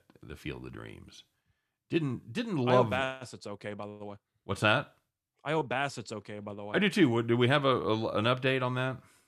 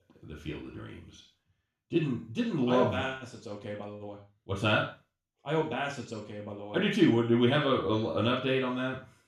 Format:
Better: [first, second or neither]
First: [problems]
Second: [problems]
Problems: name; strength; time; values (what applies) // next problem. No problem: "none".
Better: first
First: none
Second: room echo; noticeable; dies away in 0.4 s // off-mic speech; far